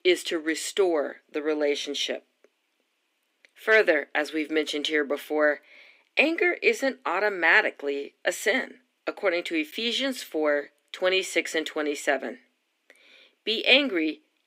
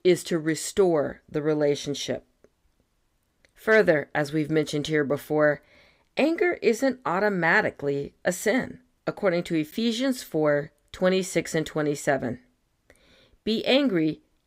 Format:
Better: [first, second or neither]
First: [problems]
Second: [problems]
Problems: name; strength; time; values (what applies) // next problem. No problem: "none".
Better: second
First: thin; very slightly; fading below 250 Hz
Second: none